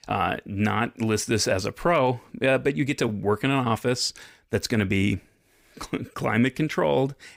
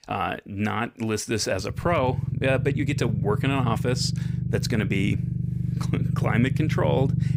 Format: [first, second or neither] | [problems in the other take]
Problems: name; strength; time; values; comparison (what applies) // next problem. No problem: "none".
first | low rumble; noticeable; throughout; 10 dB below the speech